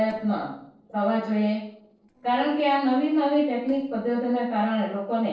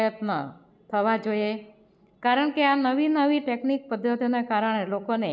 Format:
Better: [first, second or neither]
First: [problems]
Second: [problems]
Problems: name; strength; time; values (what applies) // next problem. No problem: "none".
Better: second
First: noise reduction (neural separator model SepFormer DNS4)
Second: none